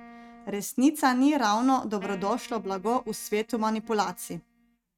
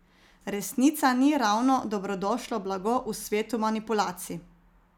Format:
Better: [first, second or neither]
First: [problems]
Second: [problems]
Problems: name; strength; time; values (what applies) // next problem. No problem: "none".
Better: second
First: noise reduction (neural mask model RNNoise)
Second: none